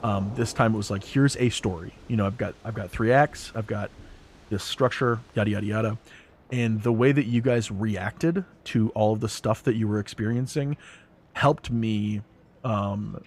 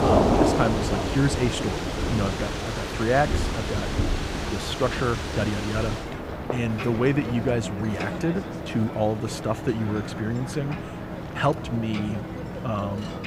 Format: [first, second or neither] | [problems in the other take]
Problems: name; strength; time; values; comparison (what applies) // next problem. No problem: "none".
first | rain or running water; loud; throughout; 2 dB below the speech; faint in the first